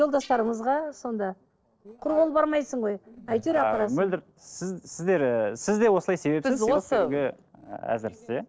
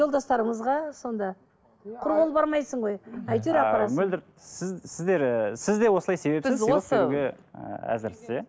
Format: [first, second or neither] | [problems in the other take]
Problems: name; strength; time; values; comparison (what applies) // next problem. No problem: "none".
second | noise reduction (neural separator model SepFormer DNS4)